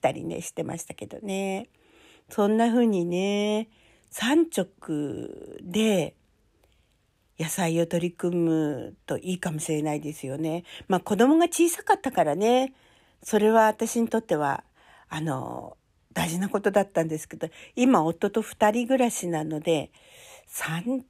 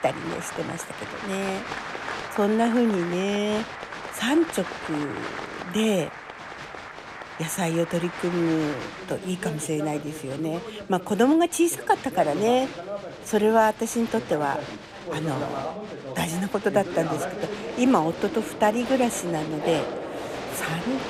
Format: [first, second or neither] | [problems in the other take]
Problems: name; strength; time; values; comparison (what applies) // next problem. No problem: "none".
first | crowd noise; loud; throughout; 9 dB below the speech